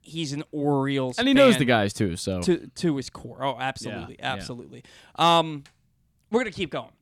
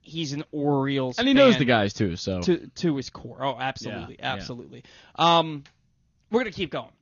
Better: first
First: none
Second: garbled, watery; slightly; nothing above 6.5 kHz

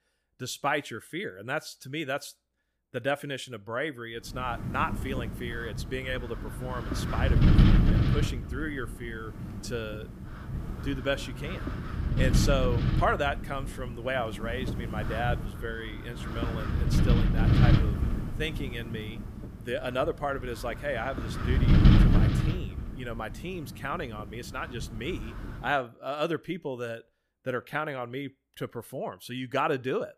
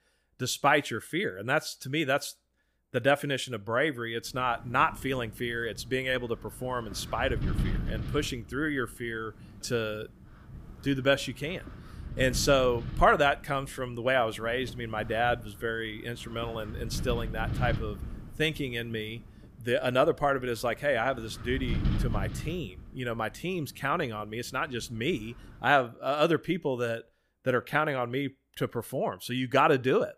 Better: second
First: wind noise on the microphone; heavy; from 4 to 26 s; 4 dB below the speech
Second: wind noise on the microphone; occasional gusts; from 4 to 26 s; 20 dB below the speech

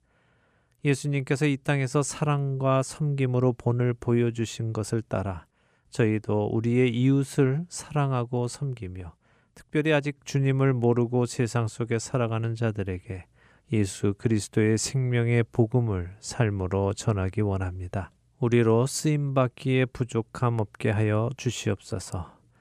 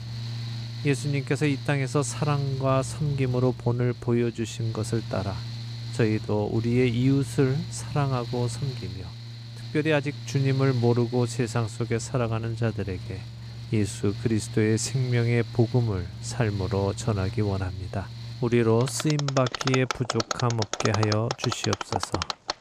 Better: first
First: none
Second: machinery noise; loud; throughout; 8 dB below the speech

